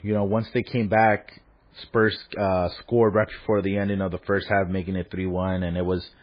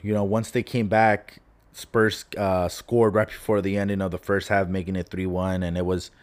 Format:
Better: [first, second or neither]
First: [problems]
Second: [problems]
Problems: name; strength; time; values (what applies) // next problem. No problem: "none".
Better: second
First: garbled, watery; badly; nothing above 4.5 kHz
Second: none